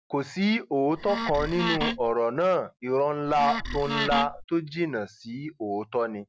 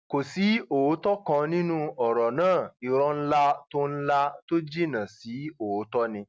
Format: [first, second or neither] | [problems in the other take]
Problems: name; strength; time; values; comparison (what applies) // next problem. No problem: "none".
second | background sound (Wood); 4 dB below the speech